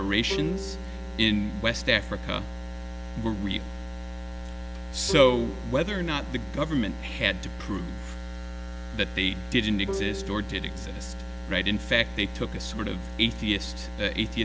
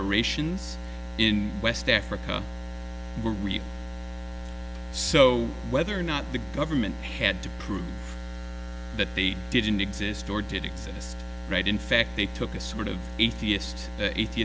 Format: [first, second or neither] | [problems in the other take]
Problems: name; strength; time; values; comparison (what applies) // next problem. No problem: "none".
second | background sound (Bowed string instrument); 14 dB below the speech